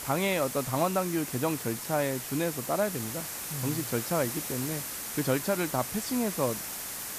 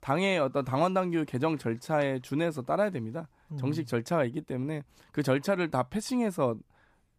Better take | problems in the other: second | hiss; loud; throughout; 4 dB below the speech

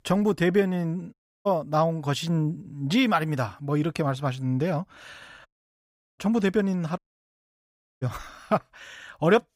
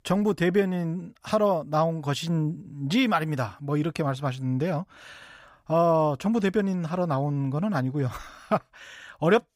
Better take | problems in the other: second | audio cutting out; at 1 s, at 5.5 s for 0.5 s and at 7 s for 1 s

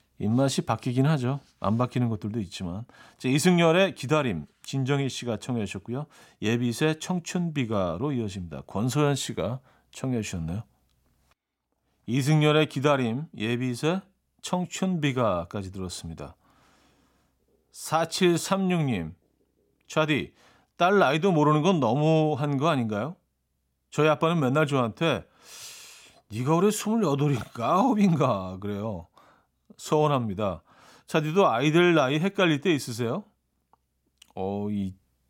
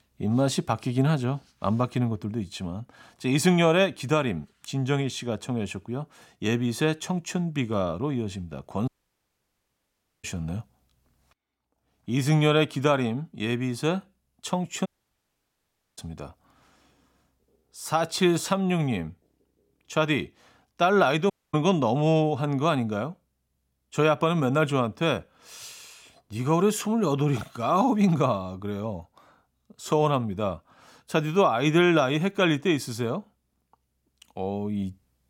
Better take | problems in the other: first | audio cutting out; at 9 s for 1.5 s, at 15 s for 1 s and at 21 s

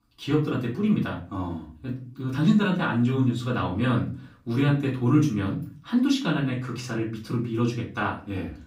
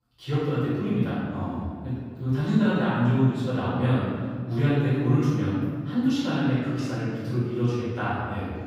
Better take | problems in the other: first | room echo; strong; dies away in 2 s; slight in the first // off-mic speech; far; far in the first

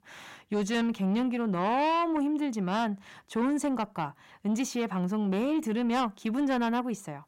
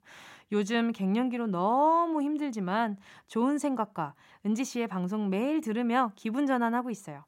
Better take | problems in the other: second | distortion; slight; 10 dB below the speech

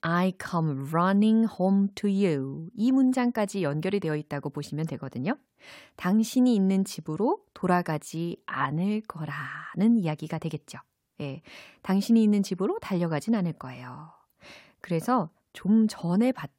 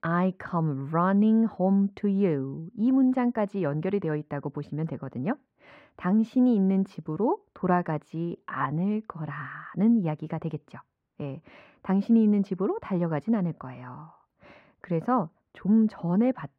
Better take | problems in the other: first | muffled; very; fading above 4 kHz

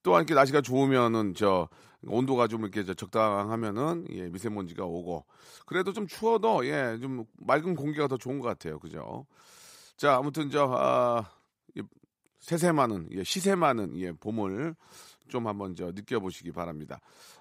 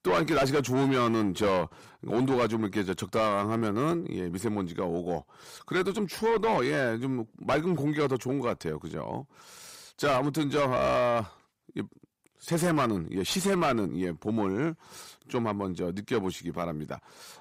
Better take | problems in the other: first | distortion; heavy; 7 dB below the speech

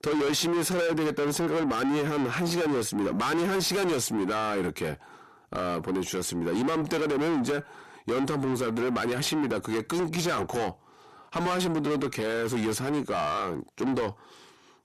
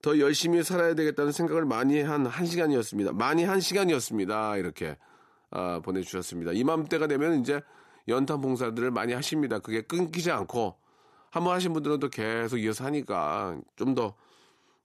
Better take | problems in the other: second | distortion; heavy; 7 dB below the speech

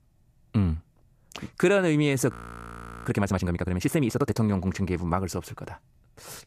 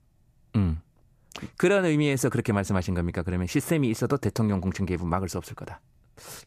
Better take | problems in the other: second | audio freezing; at 2.5 s for 0.5 s

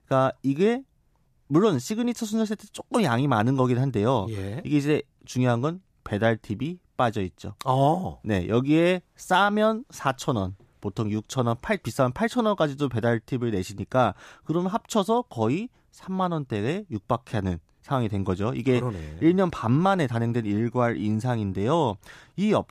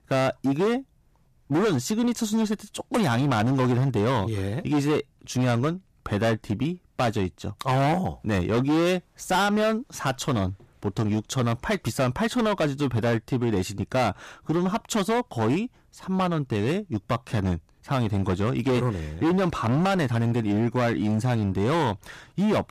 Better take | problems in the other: first | distortion; heavy; 15% of the sound clipped

